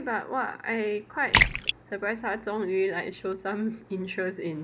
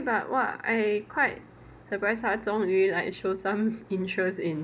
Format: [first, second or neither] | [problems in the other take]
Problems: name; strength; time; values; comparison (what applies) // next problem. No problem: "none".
second | background sound (Splash, splatter); 2 dB above the speech